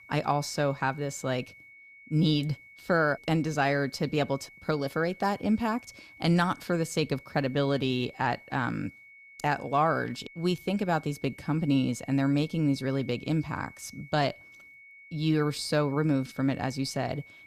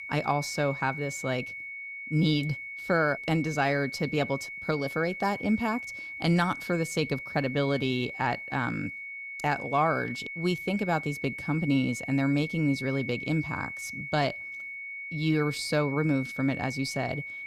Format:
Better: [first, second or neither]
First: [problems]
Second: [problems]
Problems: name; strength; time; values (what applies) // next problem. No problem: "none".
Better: first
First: high-pitched whine; faint; throughout; 2 kHz, 20 dB below the speech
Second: high-pitched whine; loud; throughout; 2 kHz, 8 dB below the speech